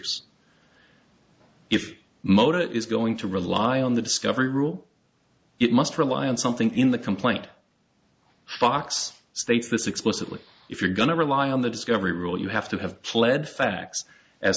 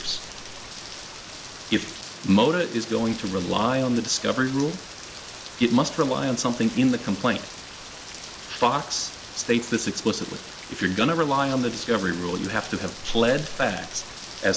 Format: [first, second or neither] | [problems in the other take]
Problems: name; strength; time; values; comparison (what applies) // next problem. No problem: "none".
first | background sound (Rain); 13 dB below the speech